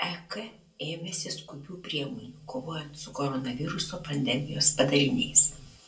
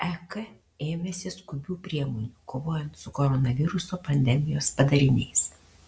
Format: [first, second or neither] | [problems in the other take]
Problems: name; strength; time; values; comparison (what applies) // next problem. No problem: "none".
second | room echo; dies away in 0.2 s